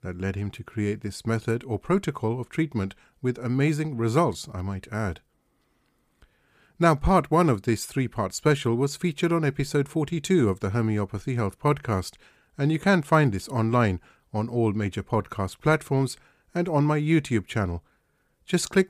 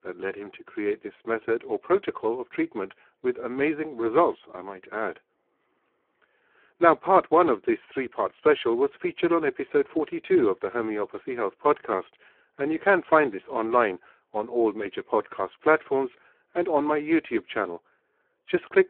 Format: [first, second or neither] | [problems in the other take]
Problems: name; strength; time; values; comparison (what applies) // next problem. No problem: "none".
first | phone-call audio; poor line